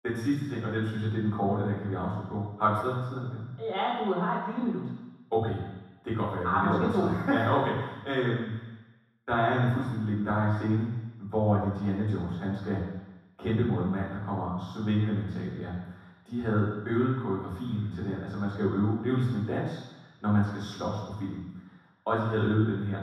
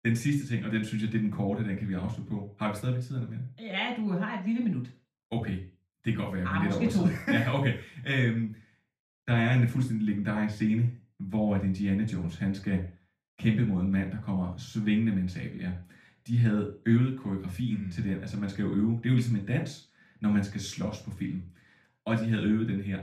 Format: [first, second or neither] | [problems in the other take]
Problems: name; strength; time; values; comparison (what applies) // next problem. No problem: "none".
second | room echo; strong; dies away in 1.2 s; slight in the second // off-mic speech; far; far in the second